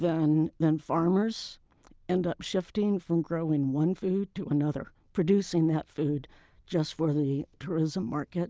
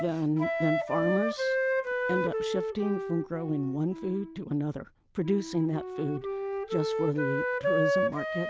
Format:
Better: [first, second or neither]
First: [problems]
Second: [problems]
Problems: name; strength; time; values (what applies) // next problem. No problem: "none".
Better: first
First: none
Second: background sound (Wind instrument, woodwind instrument); as loud as the speech